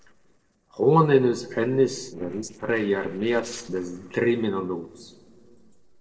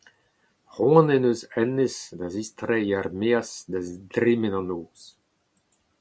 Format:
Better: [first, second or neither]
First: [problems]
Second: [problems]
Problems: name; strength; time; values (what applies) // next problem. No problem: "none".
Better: second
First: noise reduction (neural separator model SepFormer DNS4)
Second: none